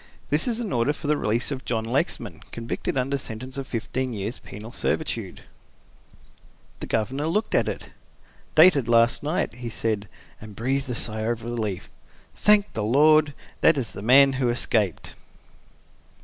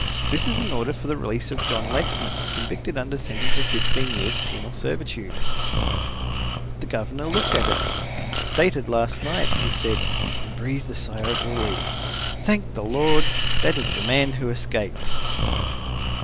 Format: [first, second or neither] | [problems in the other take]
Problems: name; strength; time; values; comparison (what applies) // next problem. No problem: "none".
first | background sound (Breathing); 4 dB above the speech